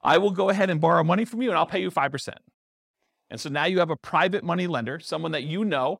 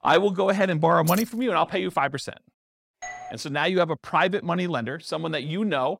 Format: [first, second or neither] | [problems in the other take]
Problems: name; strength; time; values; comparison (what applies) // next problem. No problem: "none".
first | jangling keys; noticeable; at 1 s; peak 8 dB below the speech // doorbell; faint; at 3 s; peak 15 dB below the speech